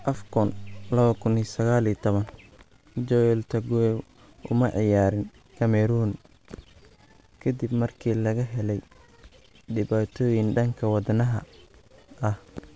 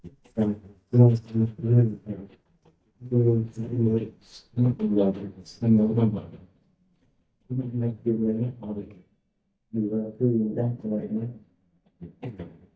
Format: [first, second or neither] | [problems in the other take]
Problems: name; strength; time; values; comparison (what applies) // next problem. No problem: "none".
first | noise reduction (neural mask model DeepFilterNet 3)